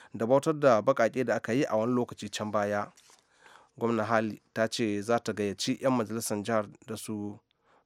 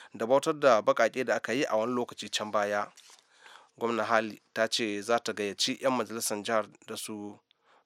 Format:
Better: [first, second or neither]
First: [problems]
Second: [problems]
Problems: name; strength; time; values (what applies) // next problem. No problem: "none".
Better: first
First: none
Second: thin; very slightly; fading below 500 Hz